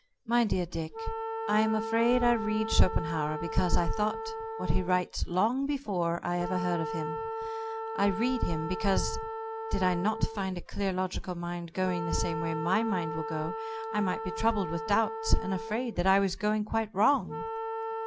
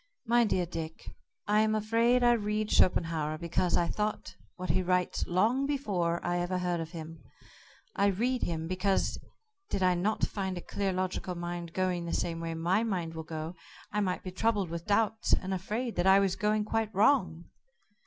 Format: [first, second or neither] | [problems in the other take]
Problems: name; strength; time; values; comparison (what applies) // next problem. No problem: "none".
second | background sound (Wind instrument, woodwind instrument); 8 dB below the speech